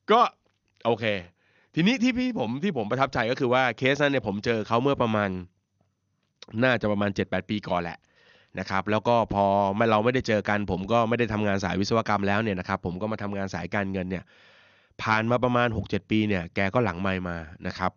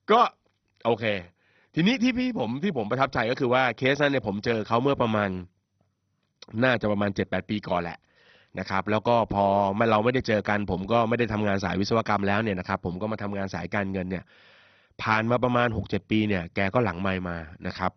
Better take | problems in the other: first | garbled, watery; badly; nothing above 6 kHz; slightly in the first

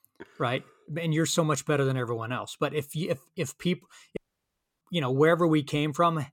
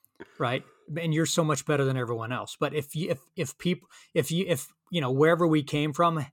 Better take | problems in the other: second | audio cutting out; at 4 s for 0.5 s

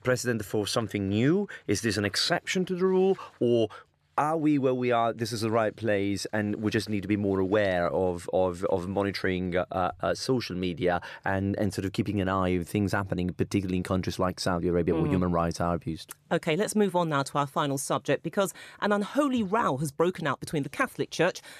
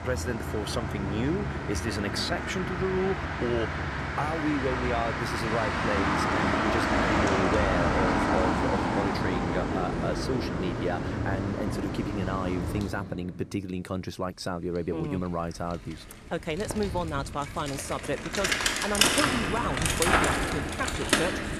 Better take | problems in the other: first | traffic noise; very loud; throughout; 4 dB above the speech

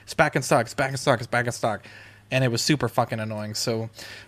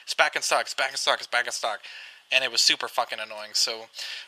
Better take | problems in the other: first | thin; very; fading below 850 Hz

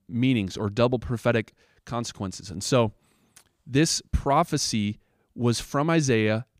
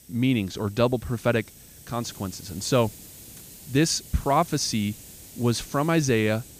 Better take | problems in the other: first | hiss; noticeable; throughout; 20 dB below the speech

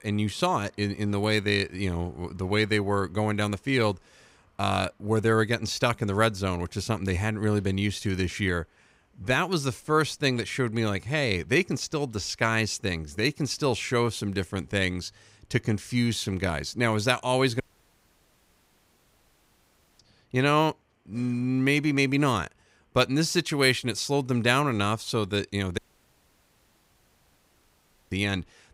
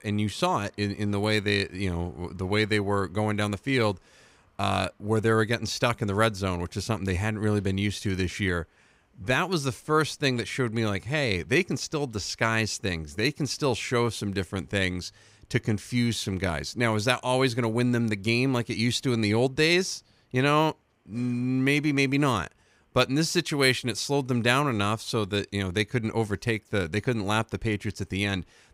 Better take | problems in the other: second | audio cutting out; at 18 s for 2.5 s and at 26 s for 2.5 s

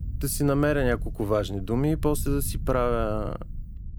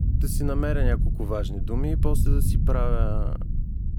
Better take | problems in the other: first | low rumble; loud; throughout; 8 dB below the speech; faint in the first

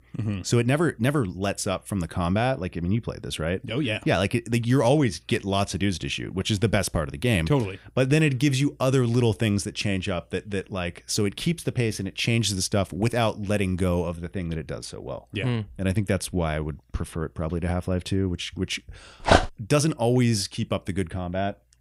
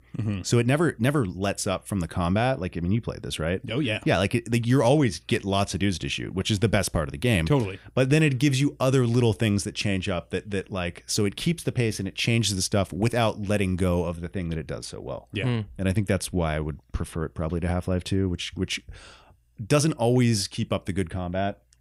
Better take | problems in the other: second | dog barking; loud; at 19 s; peak 5 dB above the speech

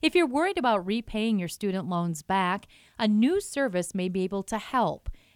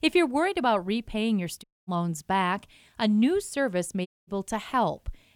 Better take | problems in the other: first | audio cutting out; at 1.5 s and at 4 s

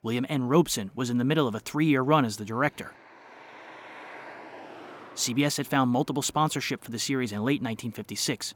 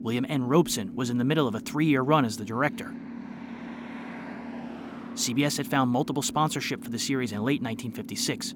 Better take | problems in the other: first | low rumble; noticeable; throughout; 15 dB below the speech

